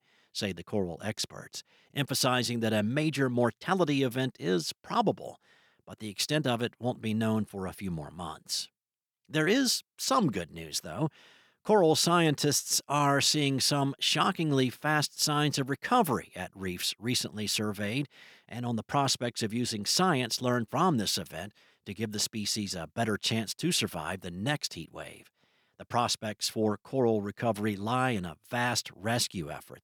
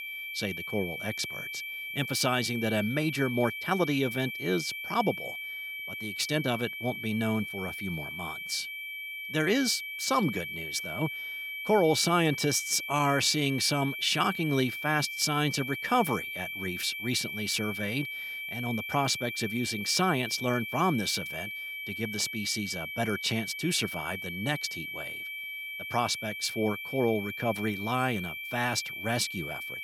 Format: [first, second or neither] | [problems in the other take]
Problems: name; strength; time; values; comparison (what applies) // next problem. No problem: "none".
first | high-pitched whine; loud; throughout; 2.5 kHz, 6 dB below the speech